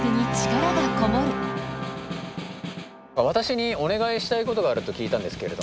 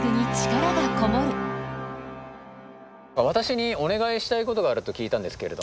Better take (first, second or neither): second